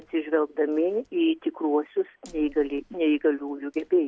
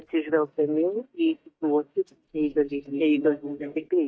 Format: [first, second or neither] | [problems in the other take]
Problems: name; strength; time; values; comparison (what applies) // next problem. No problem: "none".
first | noise reduction (neural mask model DeepFilterNet 3)